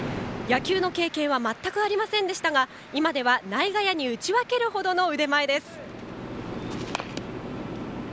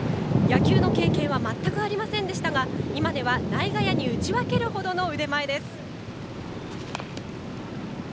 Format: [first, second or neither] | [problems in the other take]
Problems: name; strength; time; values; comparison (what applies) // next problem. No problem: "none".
first | background sound (Thunder / Rain); 2 dB above the speech